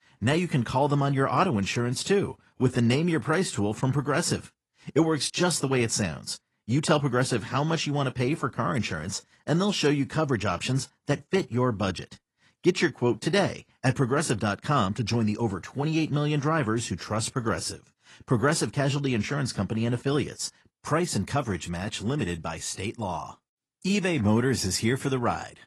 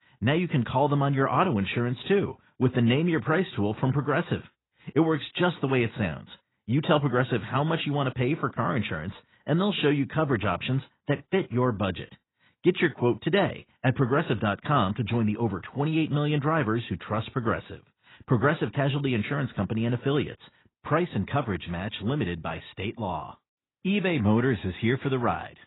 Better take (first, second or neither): first